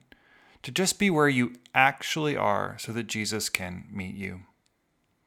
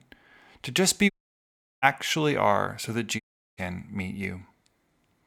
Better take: first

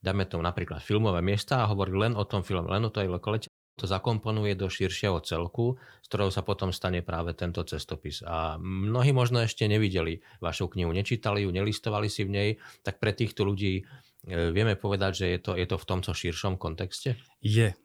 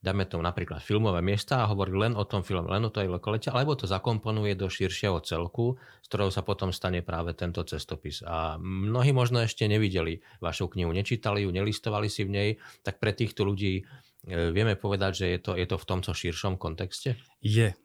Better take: second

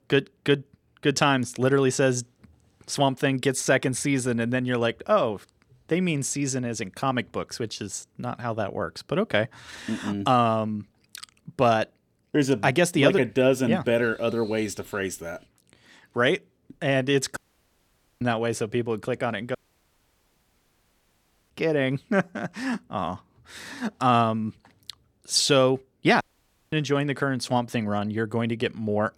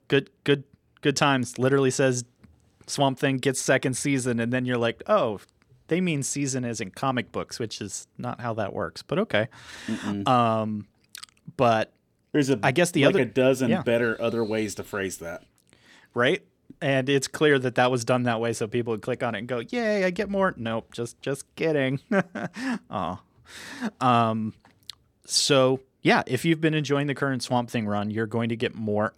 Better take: second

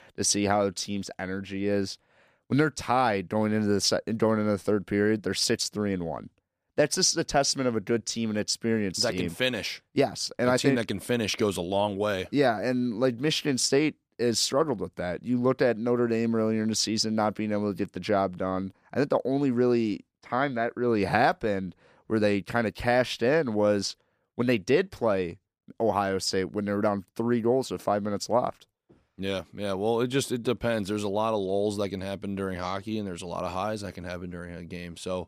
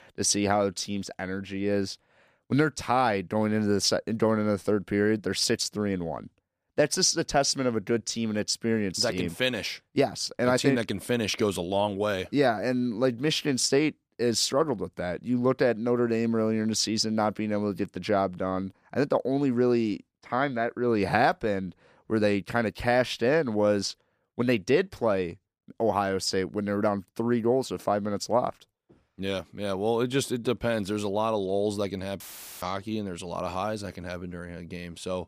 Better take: first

